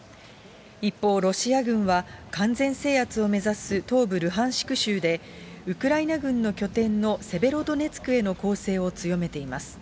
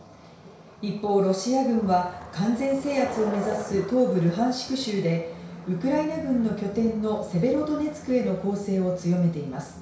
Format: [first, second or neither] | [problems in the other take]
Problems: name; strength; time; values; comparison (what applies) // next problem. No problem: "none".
first | background sound (Skateboard); 17 dB below the speech // room echo; dies away in 0.6 s